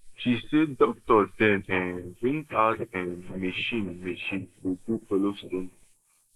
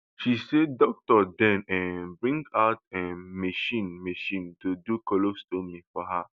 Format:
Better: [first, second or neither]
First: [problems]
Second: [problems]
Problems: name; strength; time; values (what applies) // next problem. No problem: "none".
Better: second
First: noise reduction (neural mask model Resemble Enhance denoiser)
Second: none